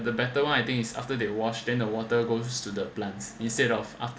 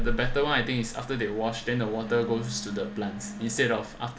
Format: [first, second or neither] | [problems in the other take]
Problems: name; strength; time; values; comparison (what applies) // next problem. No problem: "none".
first | background sound (Telephone); 7 dB below the speech